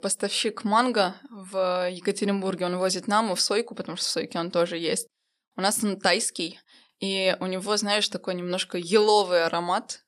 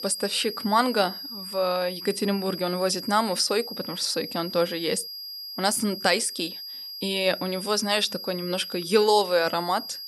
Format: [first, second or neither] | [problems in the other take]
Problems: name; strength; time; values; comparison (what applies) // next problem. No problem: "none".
first | high-pitched whine; loud; throughout; 5 kHz, 9 dB below the speech